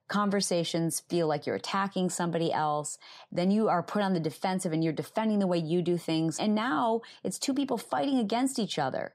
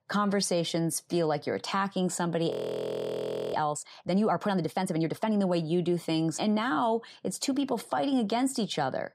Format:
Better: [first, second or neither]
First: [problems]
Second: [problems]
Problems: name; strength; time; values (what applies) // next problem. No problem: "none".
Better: first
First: none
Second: audio freezing; at 2.5 s for 1 s